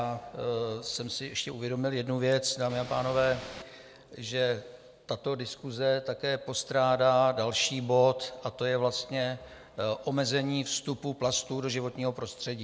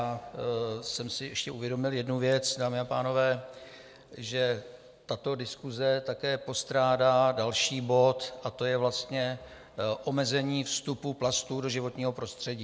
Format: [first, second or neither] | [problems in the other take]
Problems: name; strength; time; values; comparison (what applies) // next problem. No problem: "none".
second | background sound (Ocean / Boat, Water vehicle); 13 dB below the speech